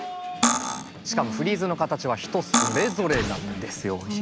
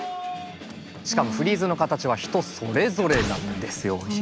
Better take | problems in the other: second | background sound (Cutlery, silverware); 2 dB above the speech

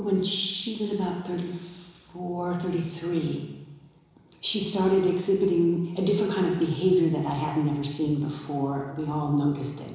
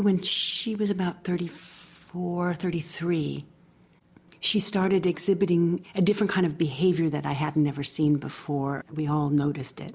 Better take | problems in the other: second | room echo; dies away in 1 s

